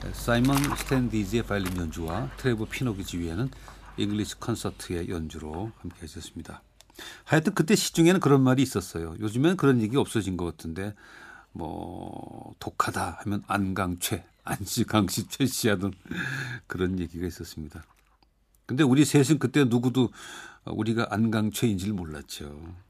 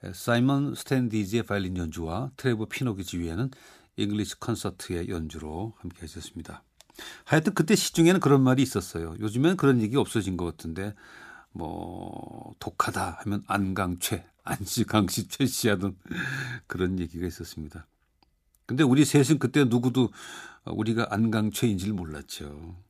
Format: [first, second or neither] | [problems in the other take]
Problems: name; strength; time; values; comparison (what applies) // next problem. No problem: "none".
second | animal sounds; noticeable; throughout; 15 dB below the speech